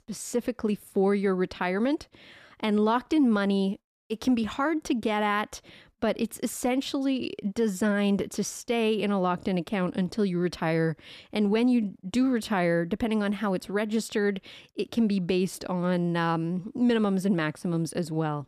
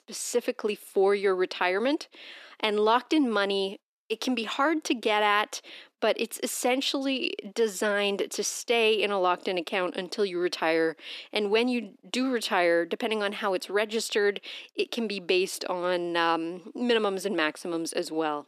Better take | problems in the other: first | thin; somewhat; fading below 300 Hz

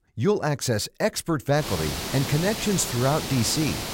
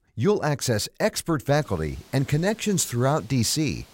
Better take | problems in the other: second | hiss; loud; from 1.5 s on; 5 dB below the speech; faint in the second

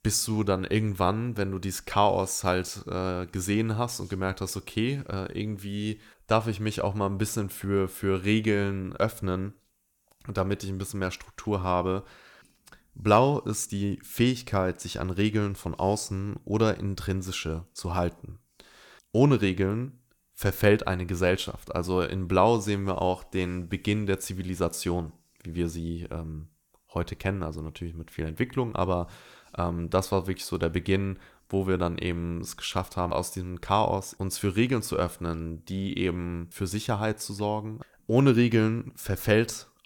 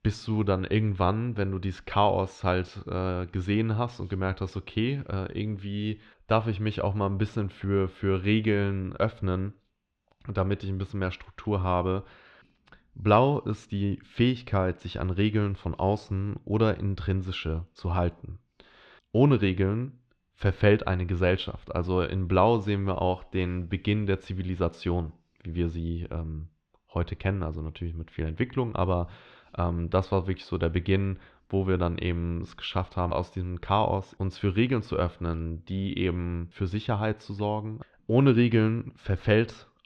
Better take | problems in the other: first | muffled; slightly; fading above 3.5 kHz

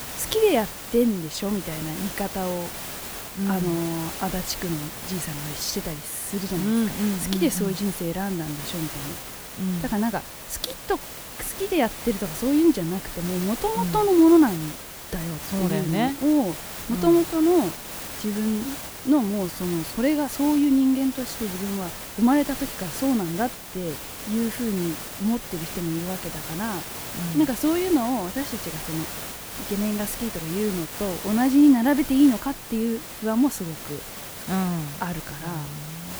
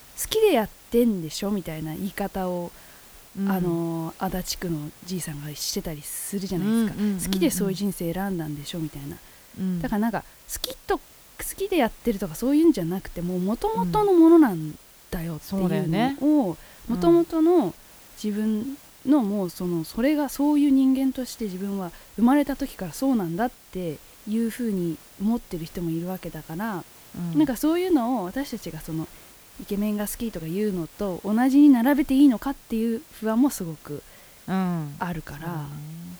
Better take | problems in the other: second | hiss; loud; throughout; 9 dB below the speech; faint in the second

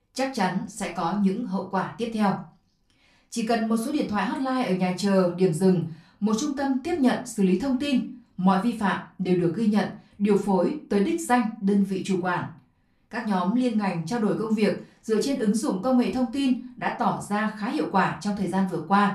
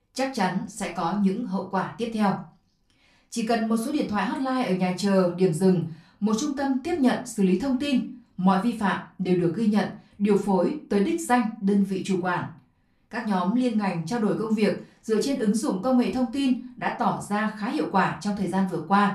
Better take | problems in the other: neither | off-mic speech; far; the same in both // room echo; very slight; dies away in 0.3 s; the same in both

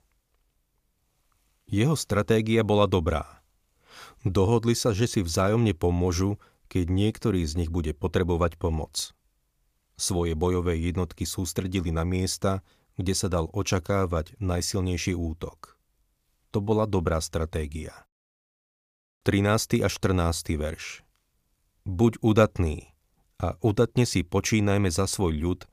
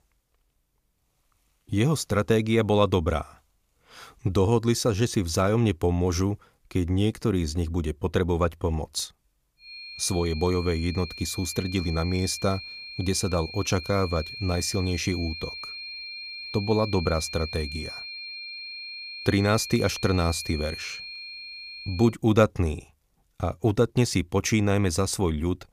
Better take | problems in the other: first | high-pitched whine; noticeable; from 9.5 to 22 s; 4 kHz, 10 dB below the speech

